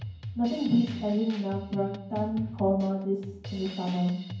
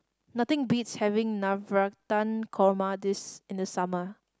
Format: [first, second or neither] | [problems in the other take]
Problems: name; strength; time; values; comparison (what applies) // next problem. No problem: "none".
second | background sound (Drum kit); 11 dB below the speech // room echo; dies away in 0.9 s